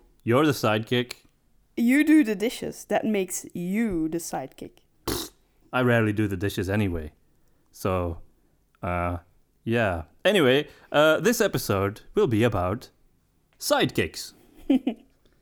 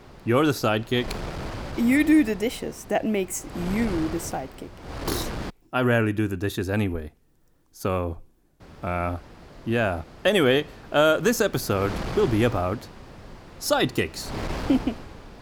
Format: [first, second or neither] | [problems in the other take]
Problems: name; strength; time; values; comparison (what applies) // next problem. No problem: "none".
first | wind noise on the microphone; occasional gusts; until 5.5 s and from 8.5 s on; 15 dB below the speech